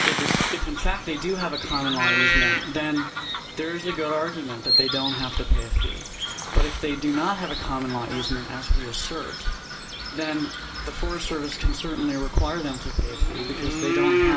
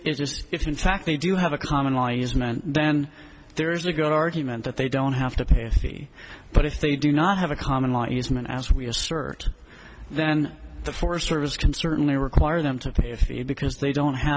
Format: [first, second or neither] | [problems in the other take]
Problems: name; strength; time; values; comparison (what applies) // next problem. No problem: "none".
second | background sound (Bird vocalization, bird call, bird song); 2 dB below the speech // room echo; dies away in 0.3 s